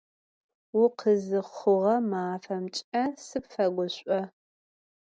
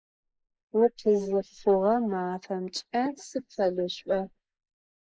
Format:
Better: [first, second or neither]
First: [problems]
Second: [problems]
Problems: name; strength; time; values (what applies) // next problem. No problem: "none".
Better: first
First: none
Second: noise reduction (neural mask model Resemble Enhance denoiser)